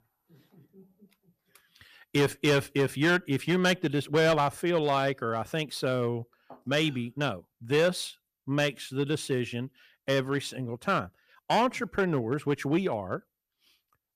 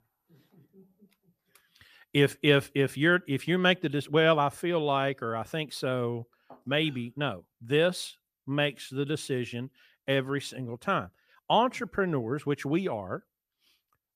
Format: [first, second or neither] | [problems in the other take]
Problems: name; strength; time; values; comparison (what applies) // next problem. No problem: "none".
second | distortion; slight; 4% of the sound clipped